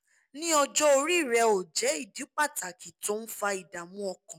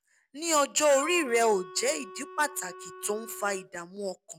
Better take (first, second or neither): first